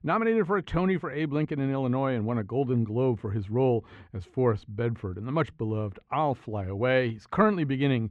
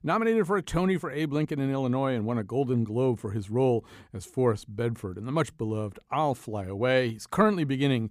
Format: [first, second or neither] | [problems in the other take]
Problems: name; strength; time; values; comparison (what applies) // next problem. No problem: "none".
second | muffled; slightly; fading above 2.5 kHz